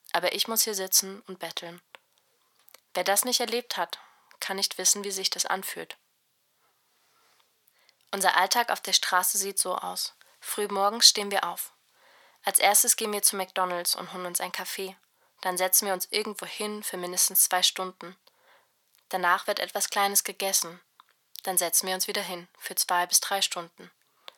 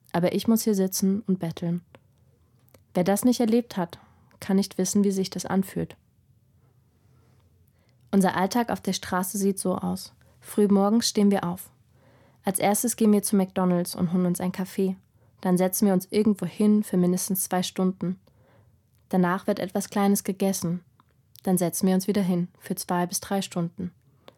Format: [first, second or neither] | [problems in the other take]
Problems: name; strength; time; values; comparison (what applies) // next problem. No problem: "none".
second | thin; very; fading below 950 Hz